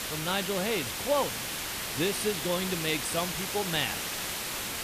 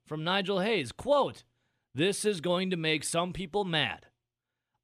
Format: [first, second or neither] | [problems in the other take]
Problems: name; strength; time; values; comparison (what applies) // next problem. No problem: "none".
second | hiss; loud; throughout; 1 dB below the speech